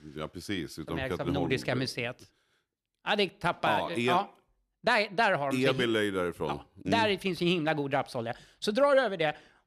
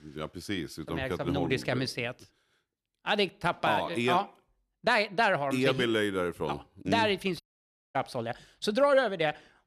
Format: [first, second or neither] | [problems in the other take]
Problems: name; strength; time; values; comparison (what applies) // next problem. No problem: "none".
first | audio cutting out; at 7.5 s for 0.5 s